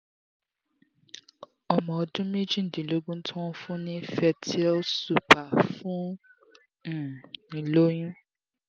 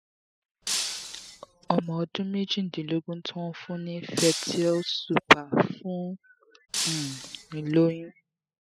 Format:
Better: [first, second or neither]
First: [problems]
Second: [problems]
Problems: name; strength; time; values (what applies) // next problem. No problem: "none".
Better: first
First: none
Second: noise reduction (classical method spectral subtraction)